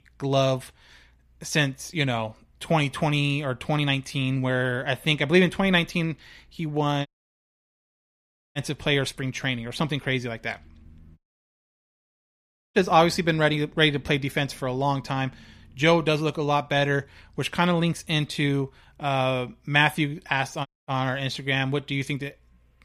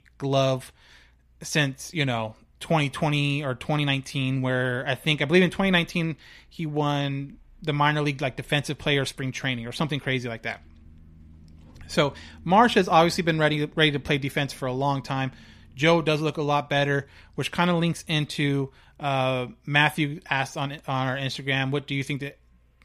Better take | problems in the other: second | audio cutting out; at 7 s for 1.5 s, at 11 s for 1.5 s and at 21 s

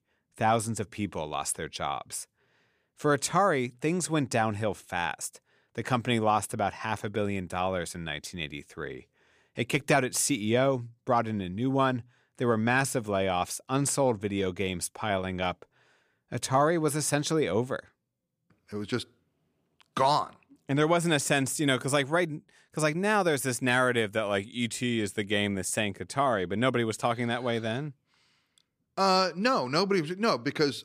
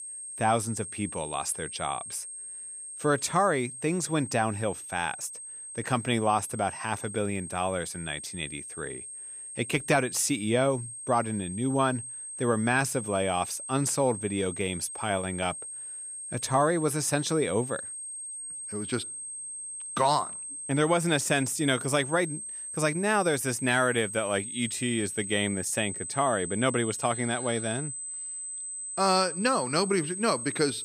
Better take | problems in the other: first | high-pitched whine; loud; throughout; 8 kHz, 8 dB below the speech

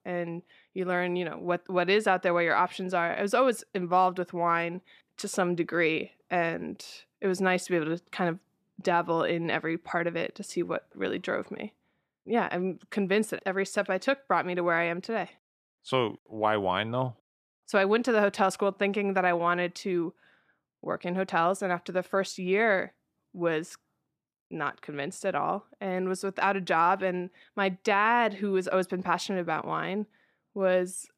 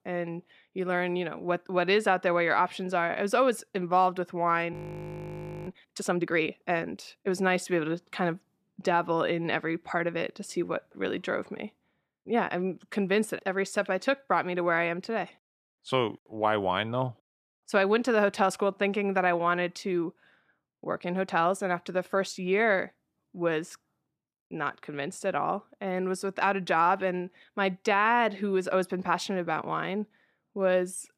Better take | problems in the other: first | audio freezing; at 4.5 s for 1 s

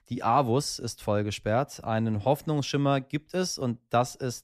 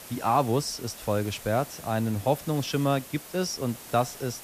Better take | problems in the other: first | hiss; noticeable; throughout; 15 dB below the speech

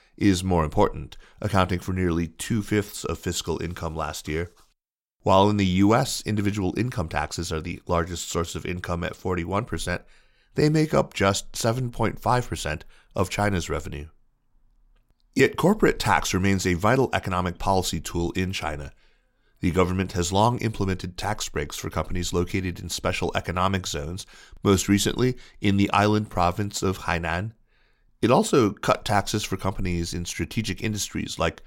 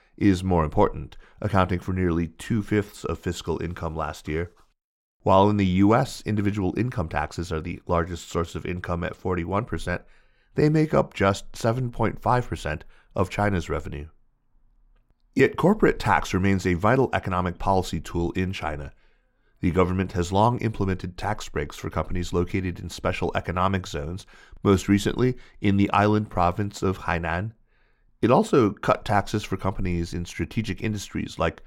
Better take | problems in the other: first | muffled; slightly; fading above 3 kHz

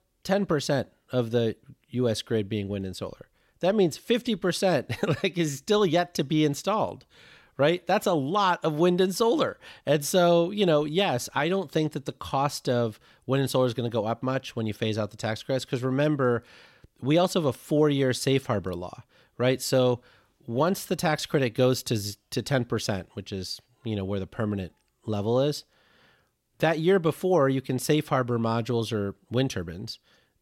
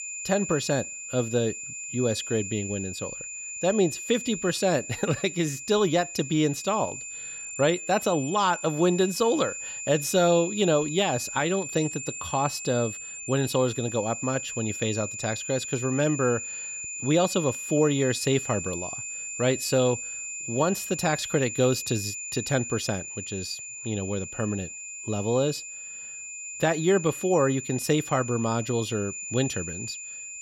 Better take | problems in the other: first | high-pitched whine; loud; throughout; 7 kHz, 7 dB below the speech

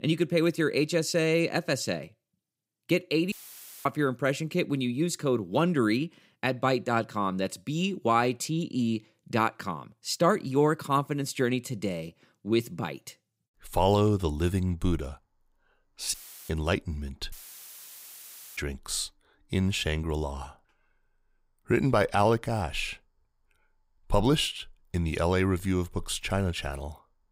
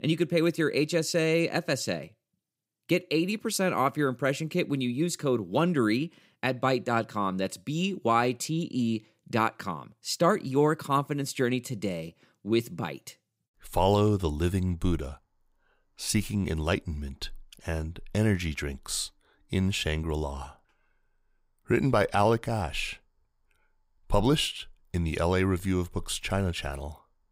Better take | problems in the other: second | audio cutting out; filled with static; at 3.5 s for 0.5 s, at 16 s and at 17 s for 1.5 s

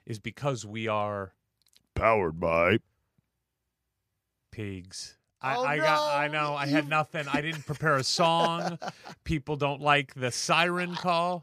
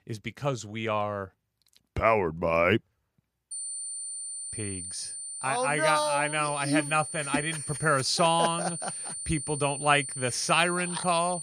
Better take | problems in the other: first | high-pitched whine; loud; from 3.5 s on; 9 kHz, 7 dB below the speech

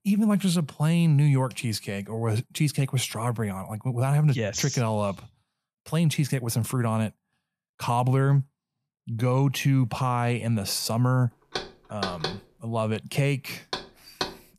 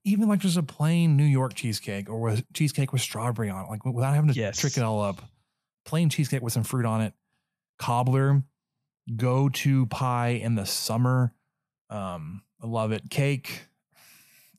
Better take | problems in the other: second | door banging; noticeable; from 12 s on; peak 6 dB below the speech

